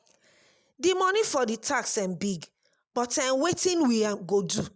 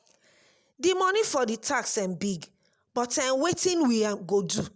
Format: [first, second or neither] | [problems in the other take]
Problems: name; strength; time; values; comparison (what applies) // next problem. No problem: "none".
second | noise reduction (neural mask model Resemble Enhance denoiser)